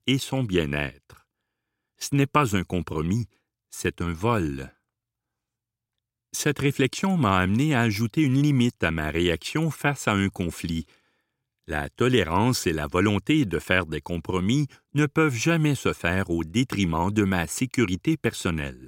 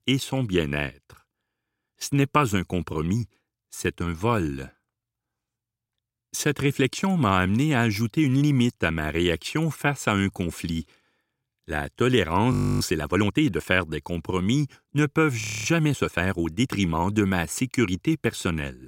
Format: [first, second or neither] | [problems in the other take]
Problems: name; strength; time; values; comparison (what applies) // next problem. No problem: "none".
first | audio freezing; at 13 s and at 15 s